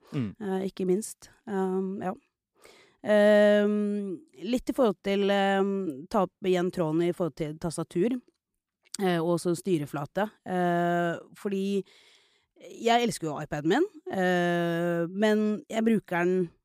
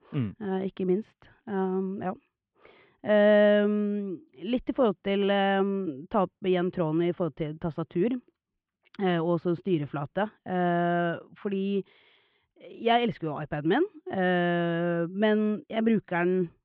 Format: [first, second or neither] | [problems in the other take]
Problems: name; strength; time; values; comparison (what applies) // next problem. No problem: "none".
first | muffled; very; fading above 3 kHz